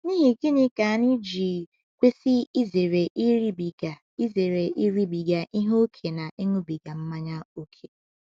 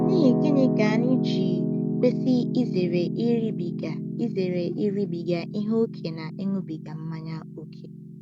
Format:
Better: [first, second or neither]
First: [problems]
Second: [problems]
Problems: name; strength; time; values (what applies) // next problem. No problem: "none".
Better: first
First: none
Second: background sound (Piano); 1 dB below the speech